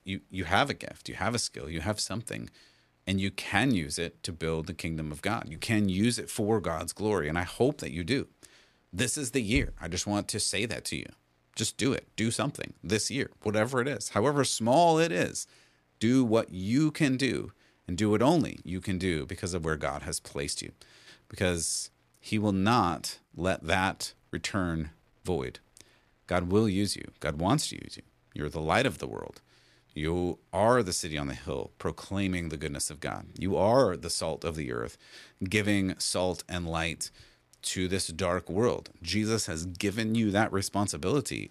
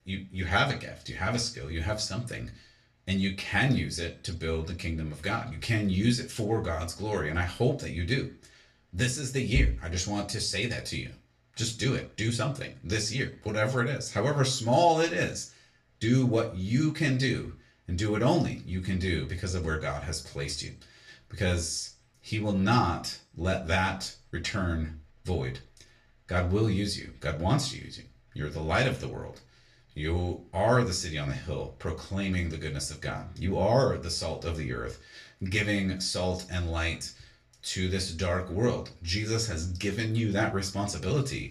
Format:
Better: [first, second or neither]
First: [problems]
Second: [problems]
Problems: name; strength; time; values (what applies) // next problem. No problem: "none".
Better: first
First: none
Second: room echo; very slight; dies away in 0.3 s // off-mic speech; far